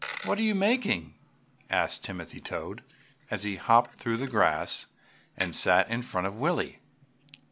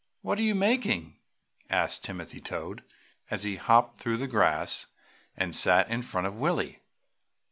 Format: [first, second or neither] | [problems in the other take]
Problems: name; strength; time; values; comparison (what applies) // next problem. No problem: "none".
second | background sound (Coin (dropping)); 20 dB below the speech